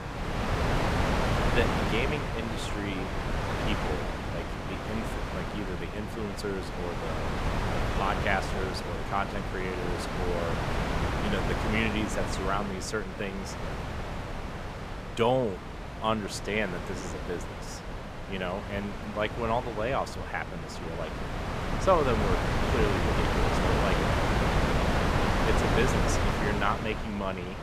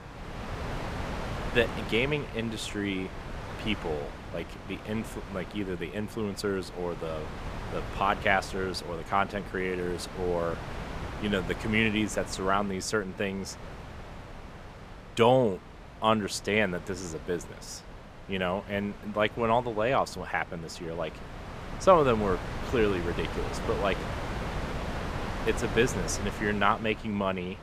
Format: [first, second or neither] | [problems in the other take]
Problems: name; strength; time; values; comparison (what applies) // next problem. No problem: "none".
second | wind noise on the microphone; heavy; as loud as the speech; occasional gusts in the second